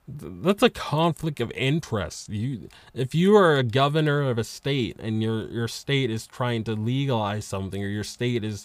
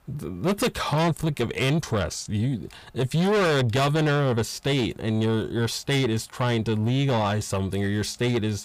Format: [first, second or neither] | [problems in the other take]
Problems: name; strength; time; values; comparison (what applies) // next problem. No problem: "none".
first | distortion; heavy; 7 dB below the speech